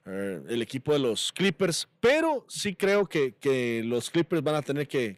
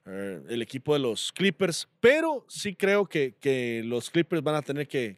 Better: second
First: distortion; slight; 10 dB below the speech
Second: none

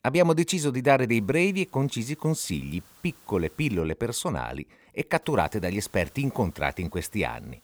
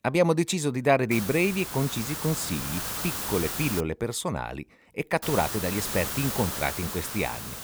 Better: first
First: hiss; faint; from 1 to 4 s and from 5 s on; 30 dB below the speech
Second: hiss; loud; from 1 to 4 s and from 5 s on; 4 dB below the speech

